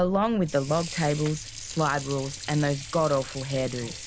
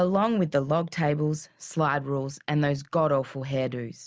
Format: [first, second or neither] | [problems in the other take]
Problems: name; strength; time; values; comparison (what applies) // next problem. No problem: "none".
second | background sound (Sink (filling or washing) / Water); 13 dB below the speech